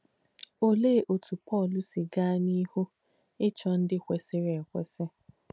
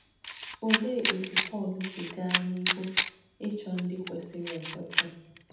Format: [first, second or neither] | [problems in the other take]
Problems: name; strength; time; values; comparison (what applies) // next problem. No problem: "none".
first | background sound (Camera); 1 dB above the speech // room echo; dies away in 0.8 s